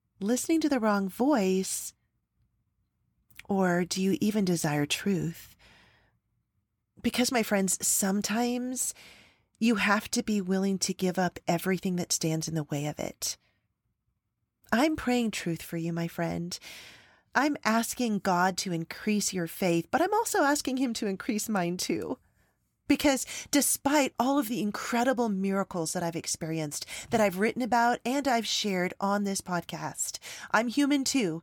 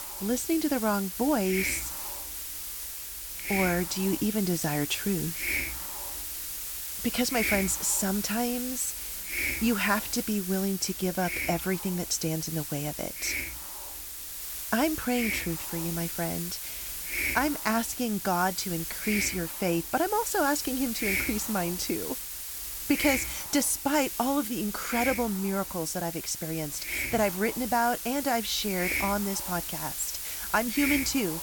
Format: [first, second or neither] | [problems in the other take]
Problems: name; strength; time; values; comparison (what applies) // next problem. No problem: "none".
first | hiss; loud; throughout; 3 dB below the speech